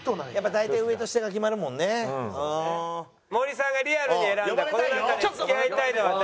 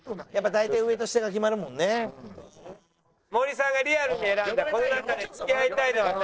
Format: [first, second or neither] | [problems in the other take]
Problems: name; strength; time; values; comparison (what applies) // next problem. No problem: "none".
first | noise reduction (neural separator model SepFormer DNS4)